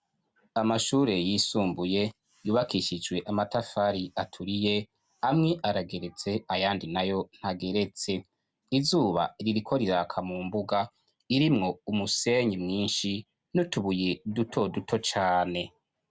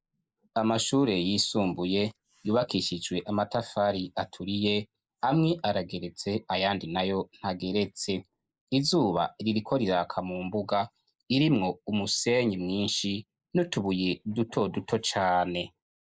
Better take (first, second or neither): first